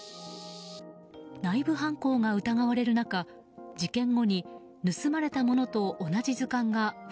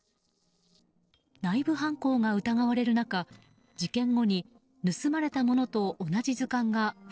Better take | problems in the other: first | noise reduction (neural separator model SepFormer DNS4)

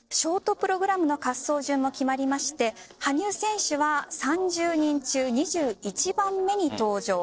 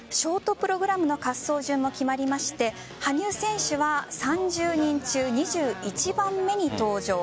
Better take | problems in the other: second | noise reduction (neural separator model SepFormer DNS4)

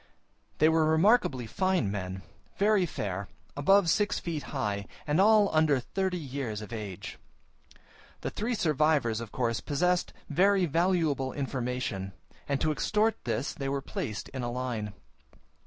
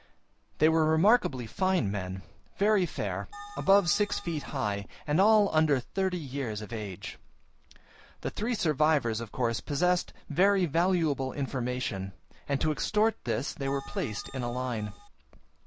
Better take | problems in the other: first | background sound (Bell); 18 dB below the speech

